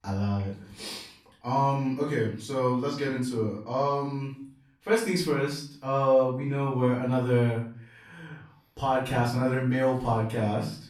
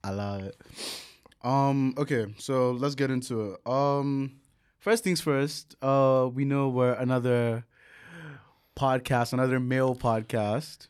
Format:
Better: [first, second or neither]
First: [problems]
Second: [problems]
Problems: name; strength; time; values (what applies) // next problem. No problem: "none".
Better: second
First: room echo; slight; dies away in 0.4 s // off-mic speech; far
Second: none